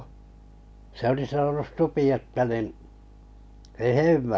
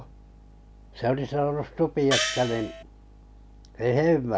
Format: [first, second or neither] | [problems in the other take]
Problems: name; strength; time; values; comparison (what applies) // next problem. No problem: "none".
first | background sound (Gong); 2 dB below the speech